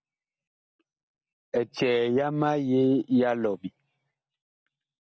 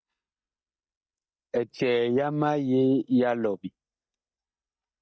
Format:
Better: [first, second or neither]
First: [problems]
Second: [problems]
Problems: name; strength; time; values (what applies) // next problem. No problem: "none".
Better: first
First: none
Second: noise reduction (neural mask model DeepFilterNet 3)